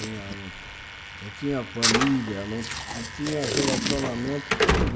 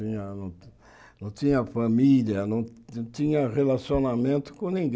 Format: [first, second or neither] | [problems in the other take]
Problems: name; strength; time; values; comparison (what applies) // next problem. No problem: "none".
second | background sound (Packing tape, duct tape + Slam / Alarm); 2 dB above the speech